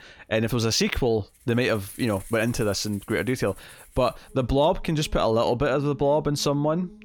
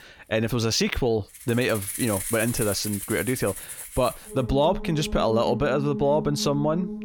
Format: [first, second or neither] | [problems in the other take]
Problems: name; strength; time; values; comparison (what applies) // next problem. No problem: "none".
first | background music; loud; throughout; 8 dB below the speech; faint in the first